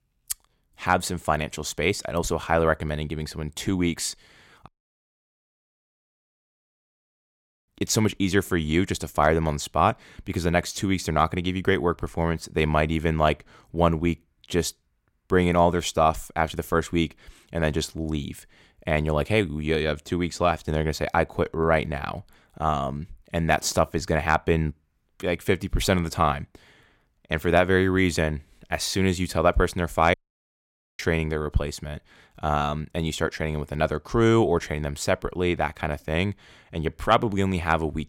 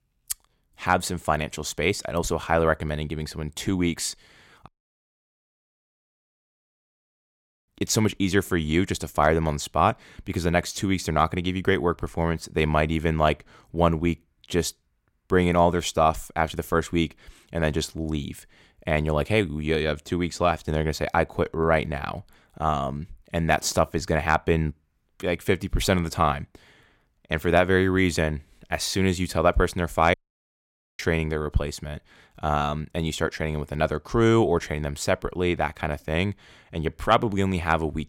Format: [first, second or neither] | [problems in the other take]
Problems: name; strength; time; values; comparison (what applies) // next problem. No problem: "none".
neither | audio cutting out; at 4.5 s for 3 s and at 30 s for 1 s; the same in both